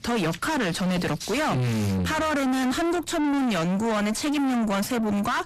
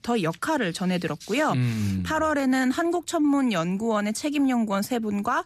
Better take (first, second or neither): second